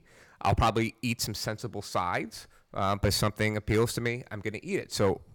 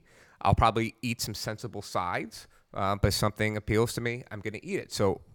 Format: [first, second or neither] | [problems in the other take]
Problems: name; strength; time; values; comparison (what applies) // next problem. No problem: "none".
second | distortion; slight; 2% of the sound clipped